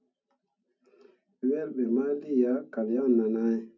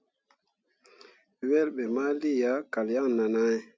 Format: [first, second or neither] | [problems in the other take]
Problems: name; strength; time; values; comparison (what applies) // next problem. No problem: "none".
second | room echo; dies away in 0.3 s